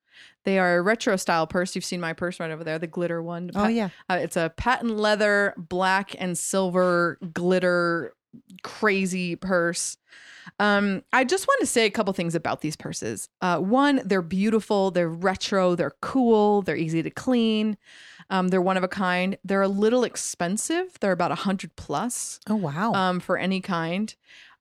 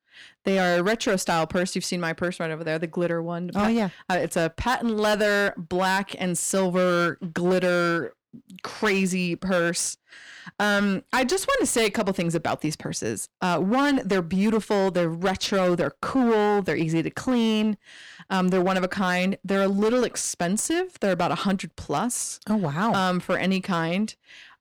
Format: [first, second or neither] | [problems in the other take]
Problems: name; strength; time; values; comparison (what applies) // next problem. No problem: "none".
first | distortion; slight; 13% of the sound clipped